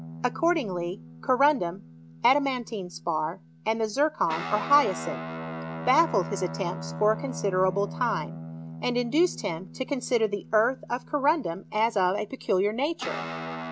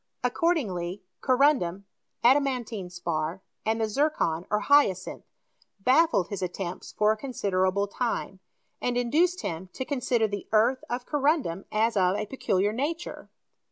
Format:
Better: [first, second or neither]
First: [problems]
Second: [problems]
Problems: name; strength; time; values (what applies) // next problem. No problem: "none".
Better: second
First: background sound (Guitar); 11 dB below the speech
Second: none